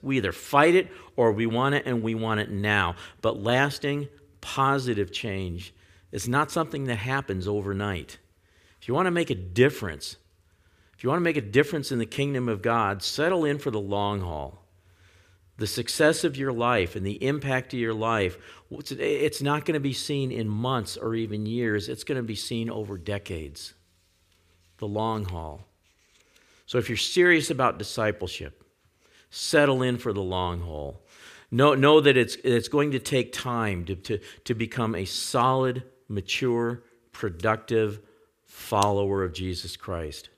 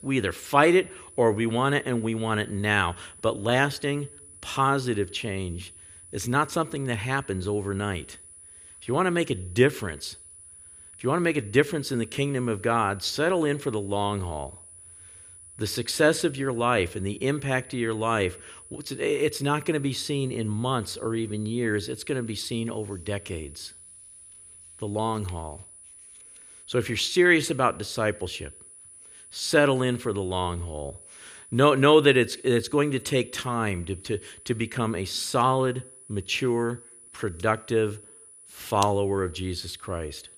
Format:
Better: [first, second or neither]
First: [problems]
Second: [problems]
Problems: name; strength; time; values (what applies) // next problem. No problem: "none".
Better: first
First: none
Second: high-pitched whine; noticeable; throughout; 10 kHz, 20 dB below the speech